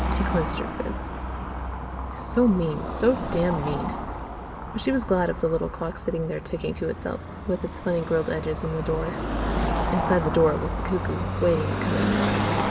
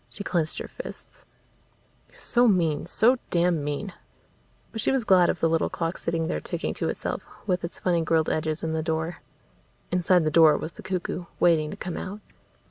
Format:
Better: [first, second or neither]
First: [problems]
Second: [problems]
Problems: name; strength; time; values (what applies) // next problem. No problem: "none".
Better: second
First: background sound (Car passing by / Traffic noise, roadway noise); 1 dB below the speech // room echo; dies away in 1.6 s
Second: none